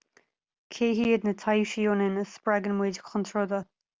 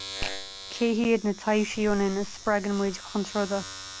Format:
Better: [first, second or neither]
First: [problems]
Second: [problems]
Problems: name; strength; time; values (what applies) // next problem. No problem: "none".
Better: first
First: none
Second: background sound (Domestic sounds, home sounds); 11 dB below the speech